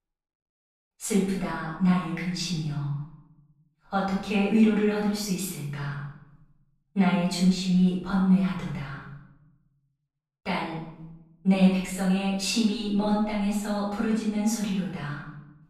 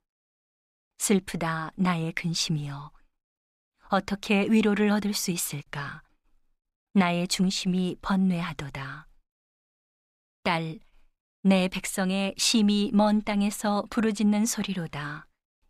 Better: second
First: room echo; noticeable; dies away in 0.8 s // off-mic speech; far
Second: none

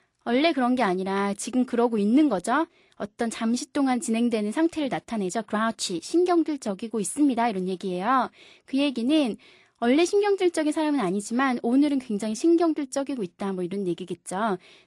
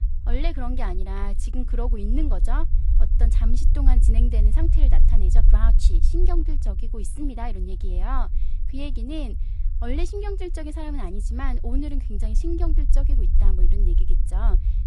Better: first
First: none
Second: low rumble; noticeable; throughout; 10 dB below the speech

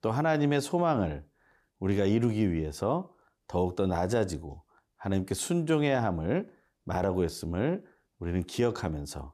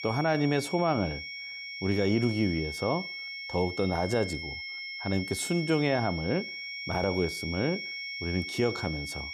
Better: first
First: none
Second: high-pitched whine; loud; throughout; 2 kHz, 6 dB below the speech

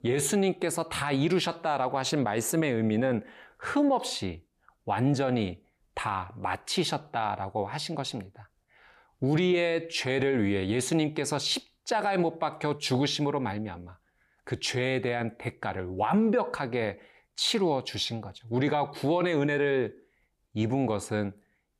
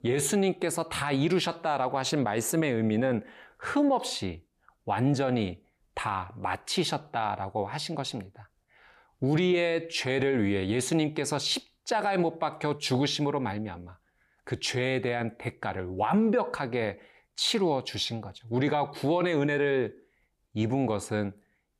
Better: neither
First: none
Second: none

